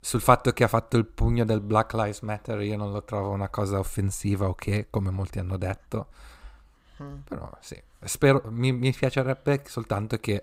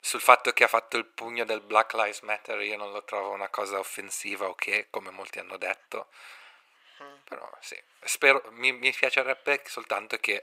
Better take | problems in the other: first | thin; very; fading below 500 Hz

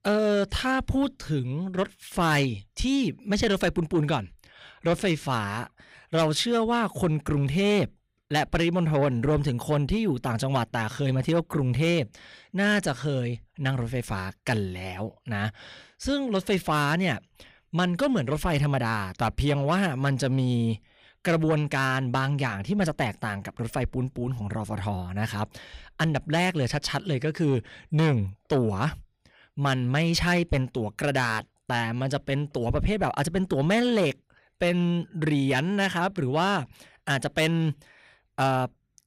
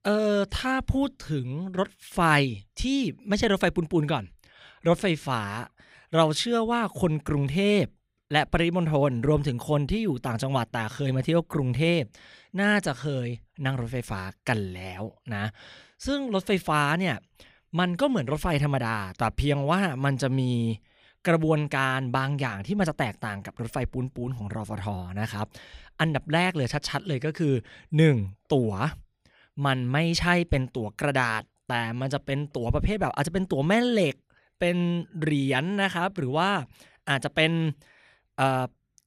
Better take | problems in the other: second | distortion; slight; 10 dB below the speech

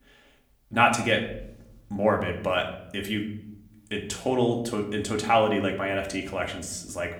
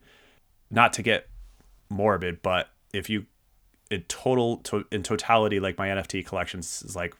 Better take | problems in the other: second | room echo; slight; dies away in 0.6 s // off-mic speech; somewhat distant

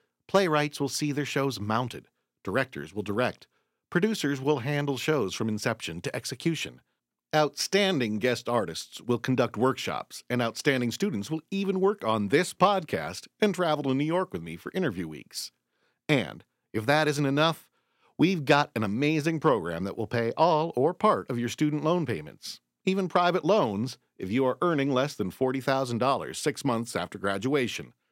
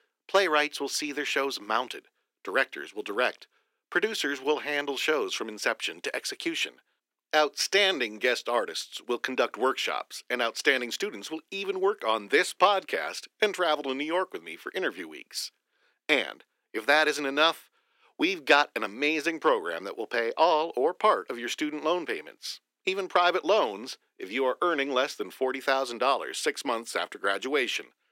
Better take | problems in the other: first | thin; somewhat; fading below 350 Hz

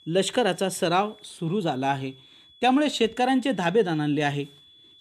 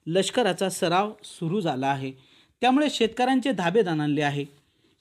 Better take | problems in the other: second | high-pitched whine; faint; throughout; 3.5 kHz, 25 dB below the speech

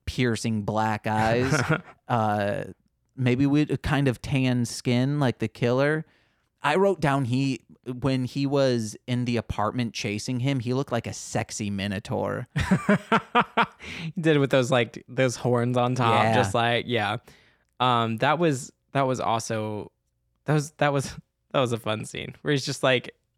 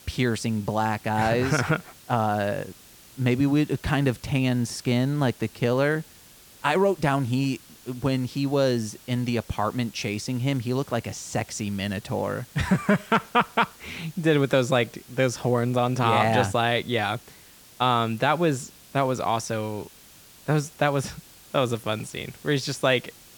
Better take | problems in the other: first | hiss; faint; throughout; 25 dB below the speech

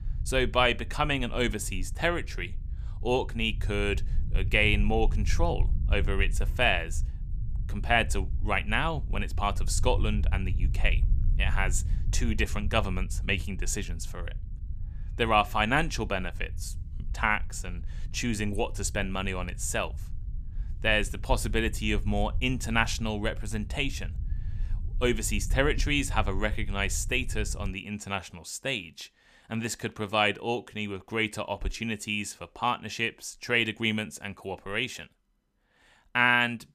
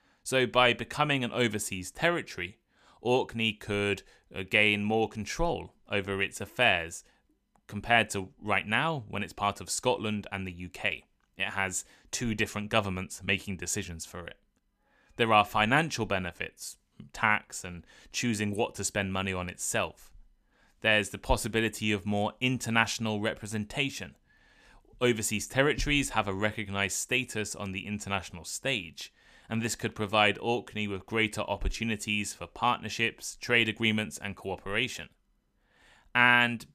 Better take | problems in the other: second | low rumble; faint; until 28 s; 25 dB below the speech

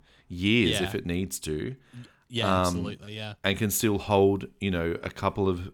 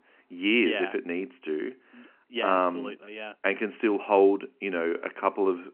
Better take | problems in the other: first | phone-call audio; nothing above 3 kHz

